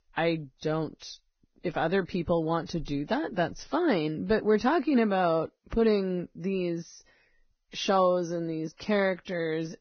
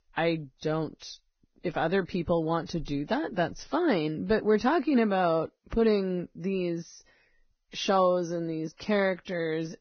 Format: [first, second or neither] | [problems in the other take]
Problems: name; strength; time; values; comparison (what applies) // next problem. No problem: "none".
neither | garbled, watery; badly; nothing above 6 kHz; the same in both